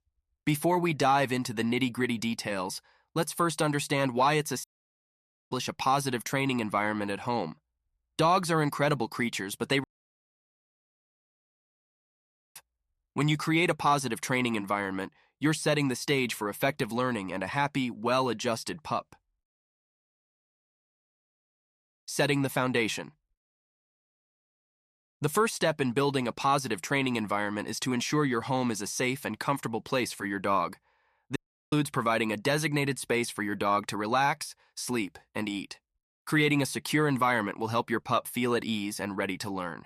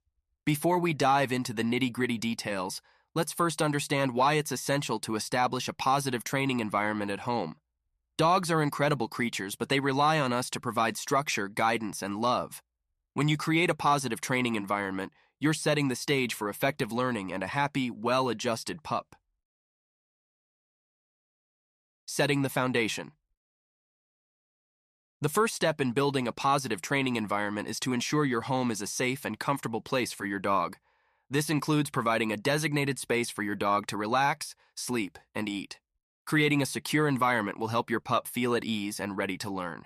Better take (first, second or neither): second